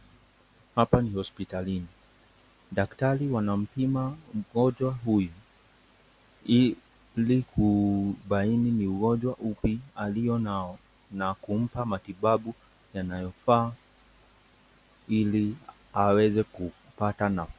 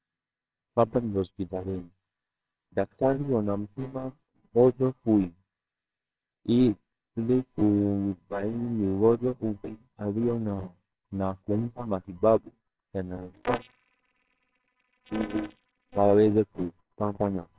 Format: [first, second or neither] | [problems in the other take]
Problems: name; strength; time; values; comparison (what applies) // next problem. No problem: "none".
first | noise reduction (neural separator model SepFormer WHAMR!)